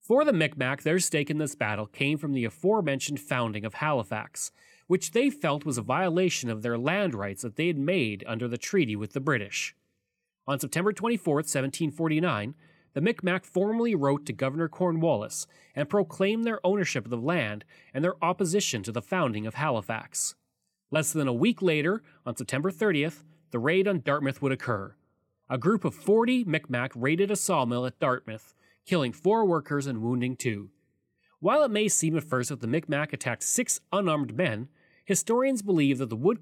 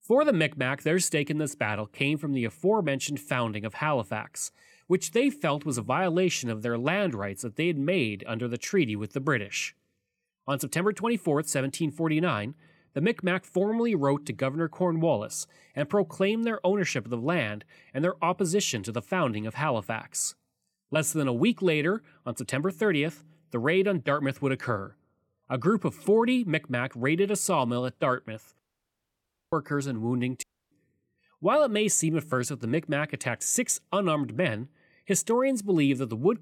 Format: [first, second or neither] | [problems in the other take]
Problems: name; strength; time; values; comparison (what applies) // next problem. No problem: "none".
first | audio cutting out; at 29 s for 1 s and at 30 s